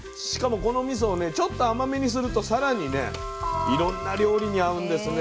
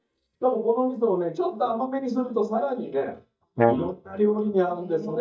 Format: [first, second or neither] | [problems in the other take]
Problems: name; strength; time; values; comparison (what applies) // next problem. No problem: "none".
first | noise reduction (neural mask model DeepFilterNet 3)